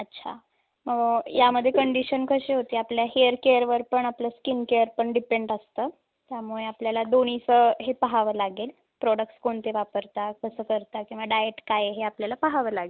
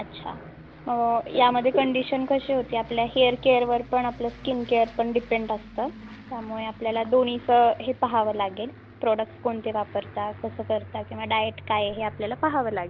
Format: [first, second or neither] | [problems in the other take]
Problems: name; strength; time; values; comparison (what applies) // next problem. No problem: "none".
first | background sound (Aircraft); 18 dB below the speech